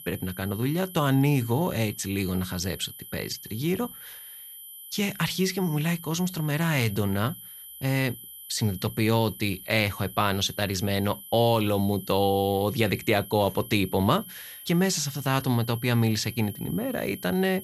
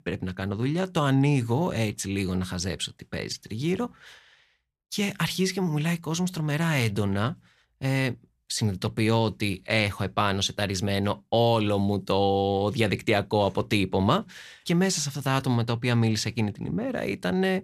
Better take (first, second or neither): second